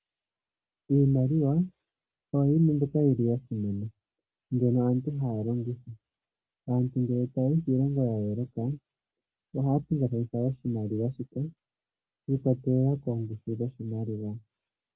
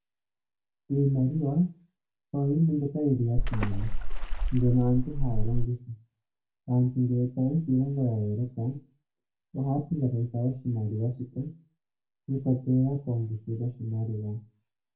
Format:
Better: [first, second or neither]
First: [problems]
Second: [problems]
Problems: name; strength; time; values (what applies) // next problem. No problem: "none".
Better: first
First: none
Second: background sound (Water / Splash, splatter); 4 dB above the speech // room echo; dies away in 0.3 s